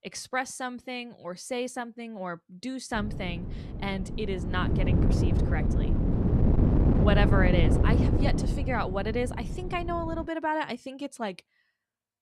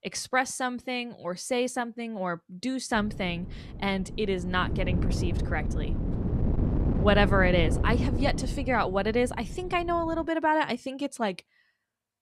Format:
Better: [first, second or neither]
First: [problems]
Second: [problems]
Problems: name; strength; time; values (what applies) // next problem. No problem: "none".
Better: second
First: wind noise on the microphone; heavy; from 3 to 10 s; 2 dB below the speech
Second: wind noise on the microphone; occasional gusts; from 3 to 10 s; 10 dB below the speech